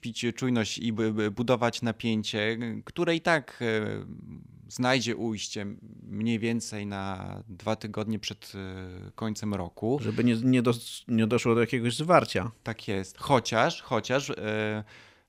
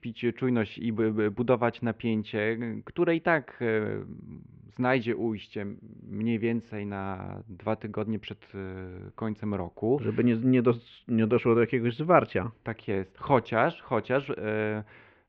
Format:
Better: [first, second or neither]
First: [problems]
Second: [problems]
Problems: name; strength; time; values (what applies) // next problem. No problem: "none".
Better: first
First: none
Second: muffled; very; fading above 2.5 kHz